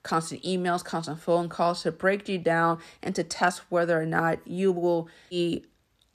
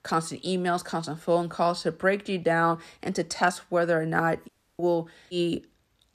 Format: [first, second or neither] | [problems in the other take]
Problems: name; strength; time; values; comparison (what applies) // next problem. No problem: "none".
first | audio cutting out; at 4.5 s